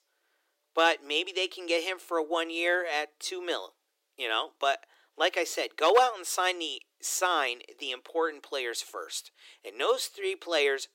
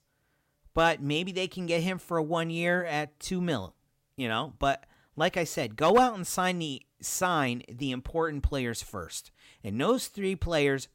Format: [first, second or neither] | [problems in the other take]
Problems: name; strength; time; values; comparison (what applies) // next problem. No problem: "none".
second | thin; very; fading below 350 Hz